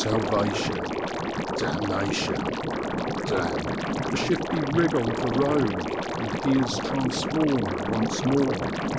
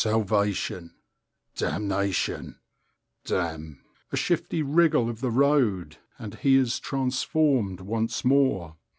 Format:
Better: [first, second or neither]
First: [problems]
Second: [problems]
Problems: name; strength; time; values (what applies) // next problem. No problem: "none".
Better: second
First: background sound (Liquid); as loud as the speech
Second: none